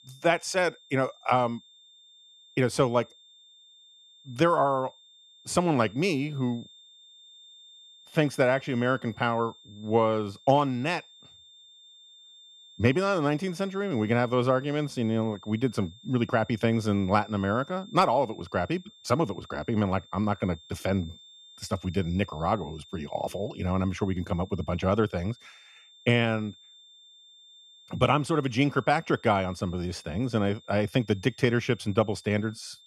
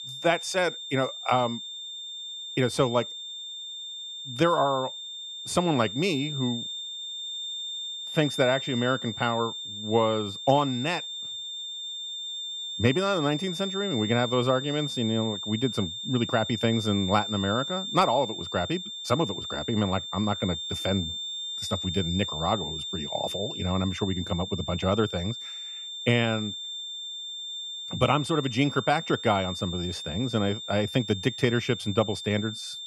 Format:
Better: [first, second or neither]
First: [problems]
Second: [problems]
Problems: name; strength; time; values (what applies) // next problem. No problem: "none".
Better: first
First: high-pitched whine; faint; throughout; 3.5 kHz, 25 dB below the speech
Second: high-pitched whine; loud; throughout; 3.5 kHz, 6 dB below the speech